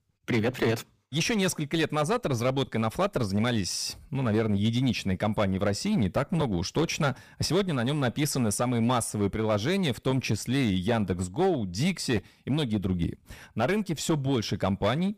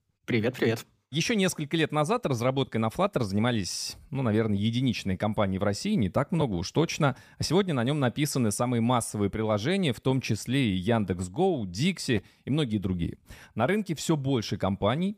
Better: second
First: distortion; slight; 8% of the sound clipped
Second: none

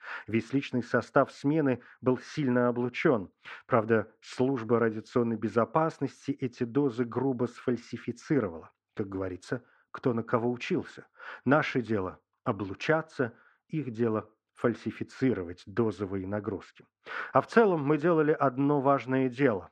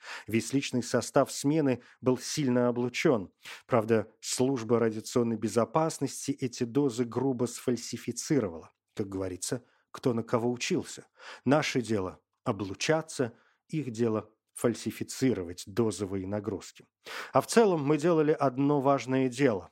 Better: second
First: muffled; slightly; fading above 2.5 kHz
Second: none

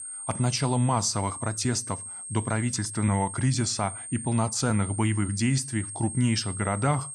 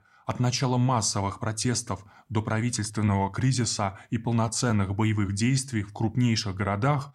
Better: second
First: high-pitched whine; loud; throughout; 8.5 kHz, 9 dB below the speech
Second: none

